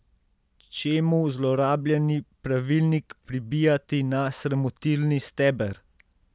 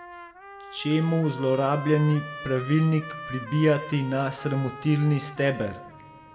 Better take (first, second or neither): first